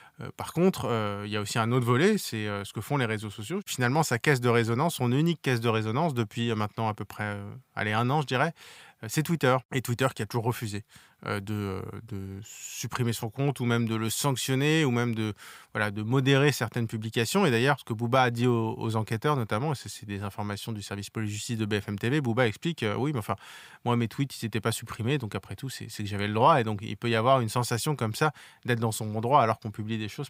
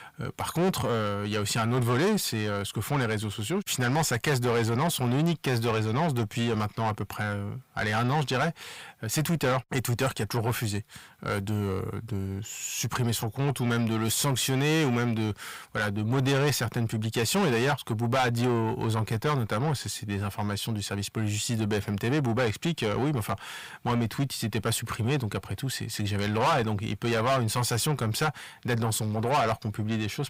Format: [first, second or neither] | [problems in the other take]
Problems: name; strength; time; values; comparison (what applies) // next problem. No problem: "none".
first | distortion; heavy; 6 dB below the speech